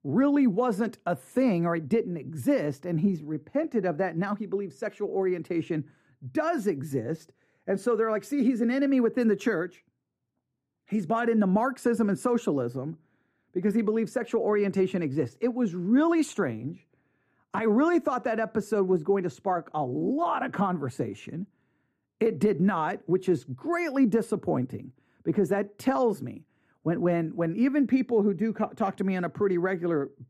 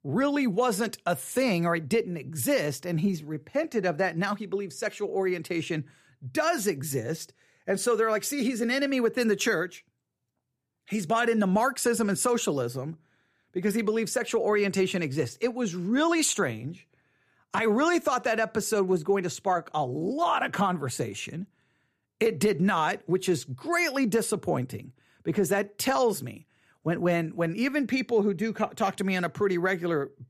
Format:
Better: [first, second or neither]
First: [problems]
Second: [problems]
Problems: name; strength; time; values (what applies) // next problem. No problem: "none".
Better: second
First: muffled; slightly; fading above 2 kHz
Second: none